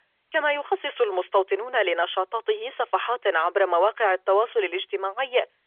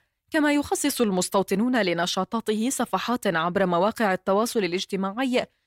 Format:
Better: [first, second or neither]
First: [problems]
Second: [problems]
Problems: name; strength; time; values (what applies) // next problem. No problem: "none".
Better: second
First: phone-call audio; nothing above 3.5 kHz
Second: none